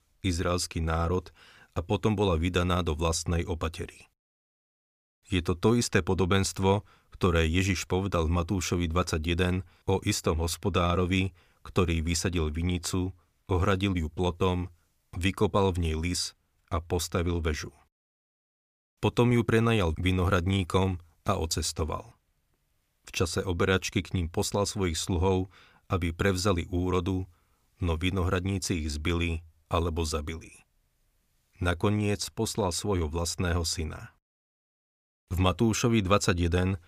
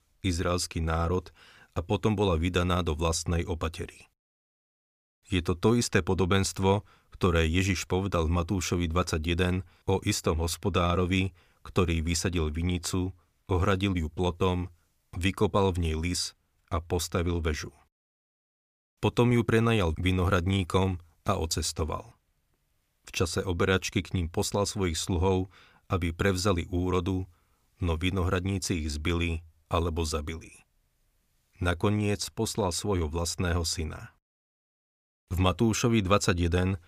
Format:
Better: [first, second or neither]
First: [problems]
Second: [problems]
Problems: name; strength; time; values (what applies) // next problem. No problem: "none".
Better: neither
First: none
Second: none